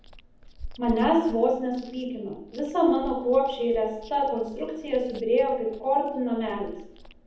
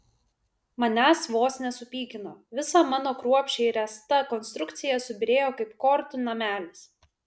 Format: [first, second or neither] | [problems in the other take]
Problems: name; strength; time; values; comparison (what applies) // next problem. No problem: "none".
second | background sound (Chewing, mastication); 17 dB below the speech // room echo; dies away in 0.8 s